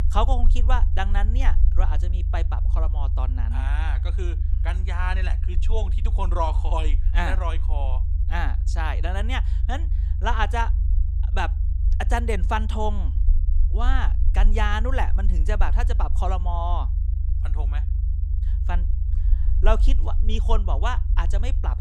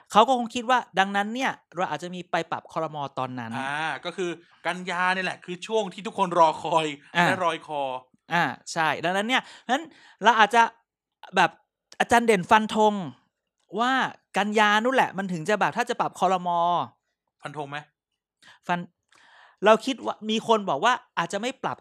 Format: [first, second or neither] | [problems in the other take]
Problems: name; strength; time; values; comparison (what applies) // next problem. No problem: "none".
second | low rumble; noticeable; throughout; 15 dB below the speech